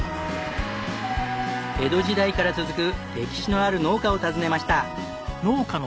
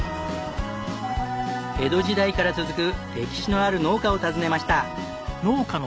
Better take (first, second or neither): second